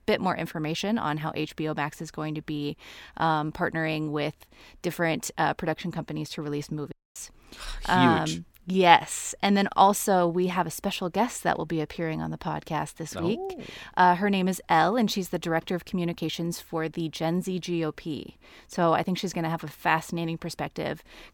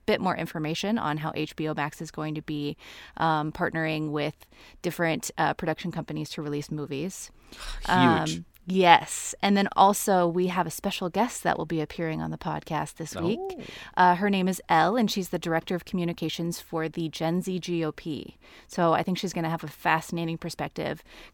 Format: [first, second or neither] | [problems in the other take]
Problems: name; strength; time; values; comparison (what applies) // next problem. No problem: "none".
second | audio cutting out; at 7 s